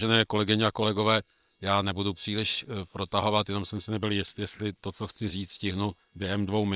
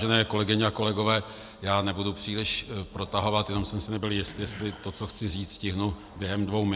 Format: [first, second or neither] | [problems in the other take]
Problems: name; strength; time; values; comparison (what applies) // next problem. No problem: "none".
second | noise reduction (neural separator model SepFormer WHAM!)